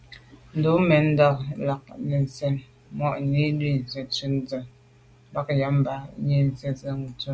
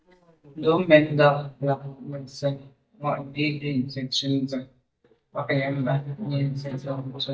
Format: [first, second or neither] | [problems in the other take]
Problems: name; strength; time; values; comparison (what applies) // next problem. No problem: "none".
first | noise reduction (neural mask model DeepFilterNet 3)